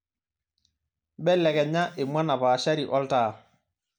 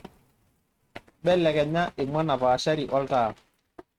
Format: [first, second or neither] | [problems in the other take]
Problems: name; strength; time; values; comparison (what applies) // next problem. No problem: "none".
first | noise reduction (neural mask model RNNoise)